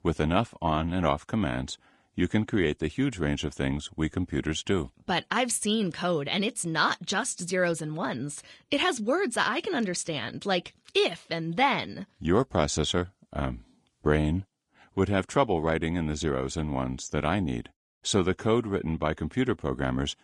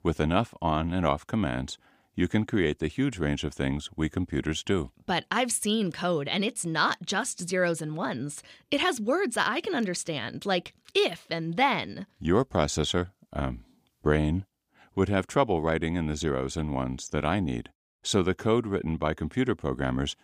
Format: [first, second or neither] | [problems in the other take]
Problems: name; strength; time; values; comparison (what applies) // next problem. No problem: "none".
second | garbled, watery; slightly; nothing above 10.5 kHz